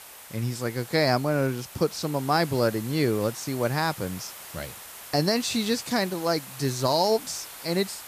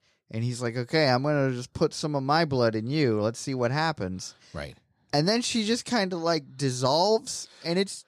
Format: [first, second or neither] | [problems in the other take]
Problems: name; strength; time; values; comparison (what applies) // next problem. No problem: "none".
second | hiss; noticeable; throughout; 15 dB below the speech